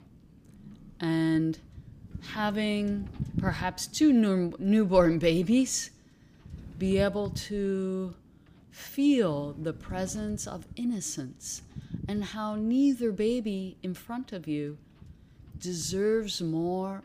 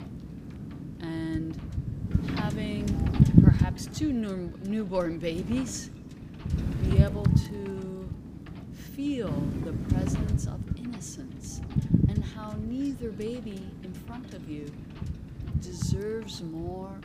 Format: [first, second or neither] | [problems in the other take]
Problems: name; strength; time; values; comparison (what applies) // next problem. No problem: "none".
first | wind noise on the microphone; heavy; 1 dB below the speech; occasional gusts in the first